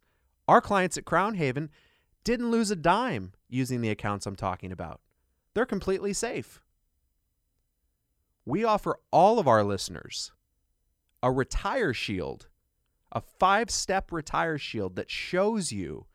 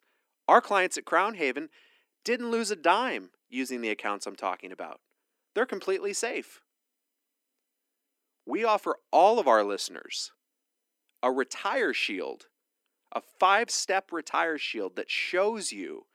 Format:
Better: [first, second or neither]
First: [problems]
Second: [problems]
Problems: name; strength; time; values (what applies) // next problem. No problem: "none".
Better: first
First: none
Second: thin; somewhat; fading below 250 Hz